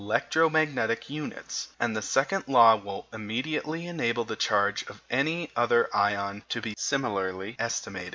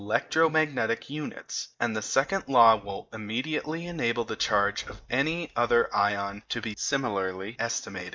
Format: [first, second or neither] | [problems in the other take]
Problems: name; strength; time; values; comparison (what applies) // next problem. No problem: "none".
first | noise reduction (neural mask model DeepFilterNet 3)